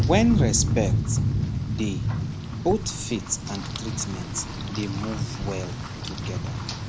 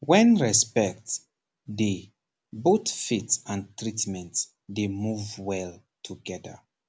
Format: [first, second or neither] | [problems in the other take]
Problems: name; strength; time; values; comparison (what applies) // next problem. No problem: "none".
second | background sound (Rain); 1 dB above the speech